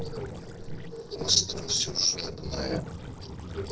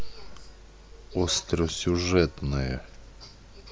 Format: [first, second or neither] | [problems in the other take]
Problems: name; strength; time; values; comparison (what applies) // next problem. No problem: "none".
second | noise reduction (neural separator model SepFormer DNS4)